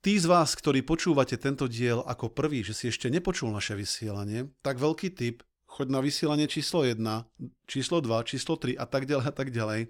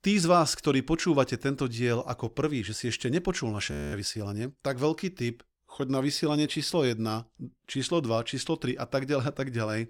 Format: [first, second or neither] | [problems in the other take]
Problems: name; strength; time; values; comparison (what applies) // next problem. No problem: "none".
first | audio freezing; at 3.5 s